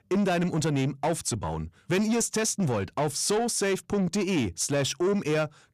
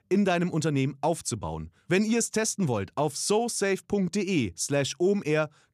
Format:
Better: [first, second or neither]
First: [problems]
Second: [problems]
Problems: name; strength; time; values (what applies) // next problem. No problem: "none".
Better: second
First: distortion; slight; 10 dB below the speech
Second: none